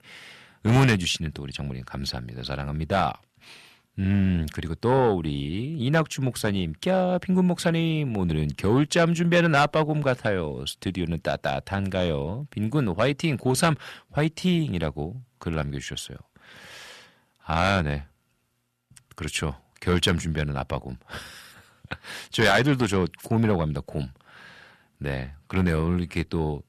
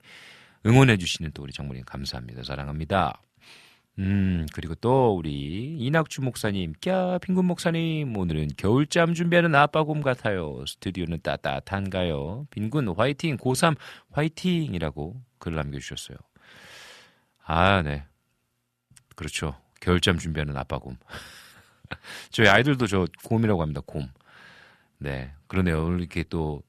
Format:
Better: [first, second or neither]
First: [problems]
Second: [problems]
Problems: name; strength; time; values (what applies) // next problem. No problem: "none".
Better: second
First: distortion; slight; 10 dB below the speech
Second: none